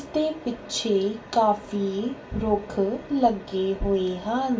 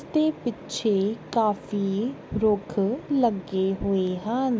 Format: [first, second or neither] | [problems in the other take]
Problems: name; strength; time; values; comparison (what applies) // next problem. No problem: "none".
second | room echo; dies away in 0.2 s